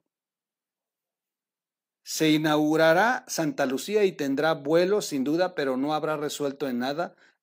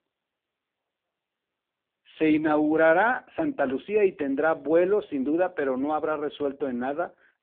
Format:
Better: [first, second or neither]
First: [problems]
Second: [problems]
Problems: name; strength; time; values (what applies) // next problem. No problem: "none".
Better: first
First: none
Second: phone-call audio; poor line